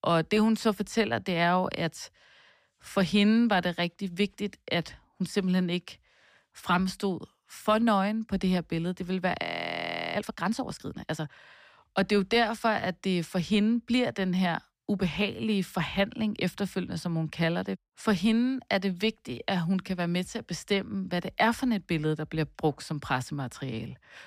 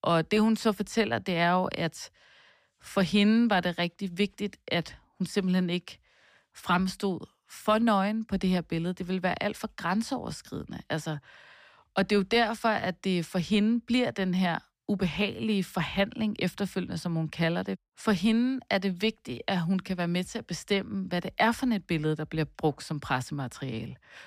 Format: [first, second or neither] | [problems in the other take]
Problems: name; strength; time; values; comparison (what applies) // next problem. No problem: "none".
second | audio freezing; at 9.5 s for 0.5 s